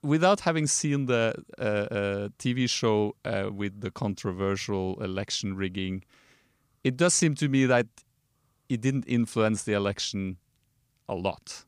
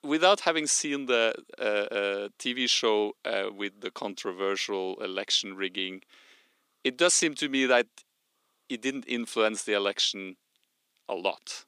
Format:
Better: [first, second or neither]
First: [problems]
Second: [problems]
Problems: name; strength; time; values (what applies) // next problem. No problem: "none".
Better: first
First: none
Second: thin; somewhat; fading below 300 Hz